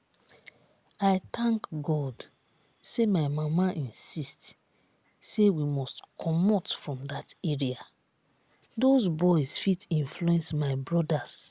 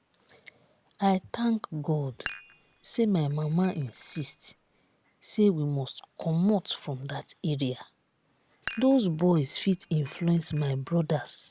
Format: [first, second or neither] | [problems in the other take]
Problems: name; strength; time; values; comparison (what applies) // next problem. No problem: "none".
first | background sound (Dishes, pots, and pans); 18 dB below the speech